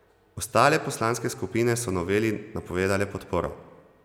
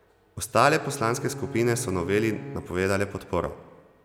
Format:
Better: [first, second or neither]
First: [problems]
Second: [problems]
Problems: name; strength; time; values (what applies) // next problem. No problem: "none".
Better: first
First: none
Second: background sound (Bowed string instrument); 13 dB below the speech